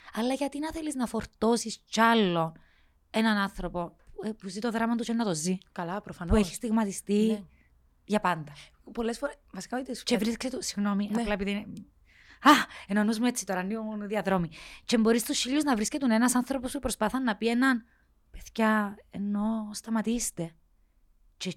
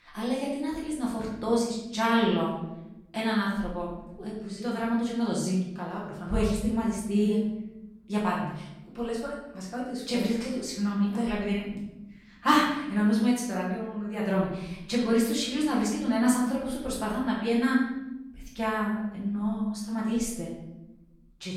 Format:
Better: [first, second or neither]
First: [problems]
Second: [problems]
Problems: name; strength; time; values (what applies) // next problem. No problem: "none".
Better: first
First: none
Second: room echo; noticeable; dies away in 0.9 s // off-mic speech; far